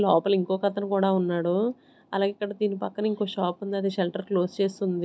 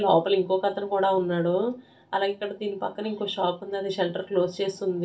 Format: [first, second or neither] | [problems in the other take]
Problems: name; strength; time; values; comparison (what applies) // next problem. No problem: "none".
first | room echo; dies away in 0.2 s